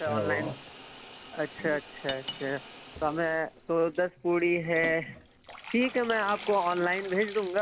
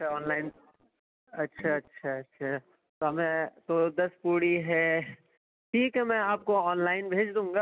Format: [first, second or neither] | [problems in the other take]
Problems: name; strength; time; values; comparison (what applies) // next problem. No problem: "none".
second | background sound (Cutlery, silverware + Bathtub (filling or washing) / Water tap, faucet); 12 dB below the speech